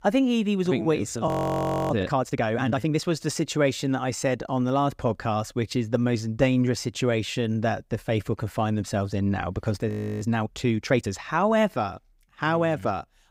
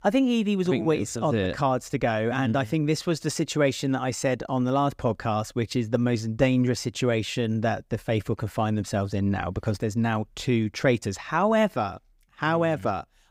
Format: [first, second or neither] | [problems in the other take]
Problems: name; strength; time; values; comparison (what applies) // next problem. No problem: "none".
second | audio freezing; at 1.5 s for 0.5 s and at 10 s